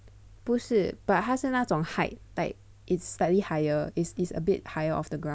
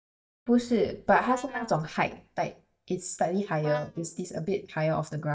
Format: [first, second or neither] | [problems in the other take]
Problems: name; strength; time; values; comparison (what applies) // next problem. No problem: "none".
first | noise reduction (neural mask model DeepFilterNet 3)